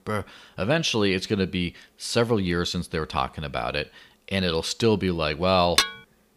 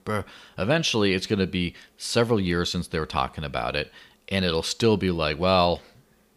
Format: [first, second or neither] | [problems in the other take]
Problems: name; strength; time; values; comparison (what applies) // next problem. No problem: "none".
second | clattering dishes; loud; at 6 s; peak 3 dB above the speech